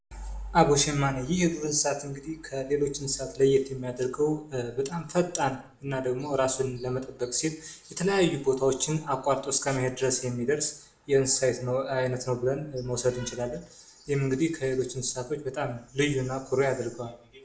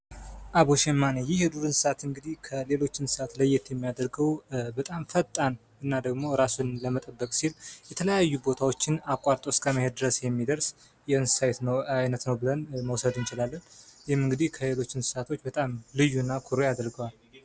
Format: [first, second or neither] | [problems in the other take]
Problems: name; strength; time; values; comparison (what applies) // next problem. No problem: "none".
second | room echo; dies away in 0.5 s